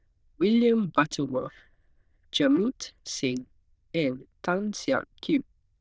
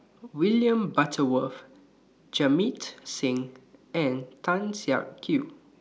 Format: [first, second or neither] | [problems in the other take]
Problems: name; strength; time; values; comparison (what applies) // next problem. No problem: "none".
second | noise reduction (neural diffusion model UNIVERSE++)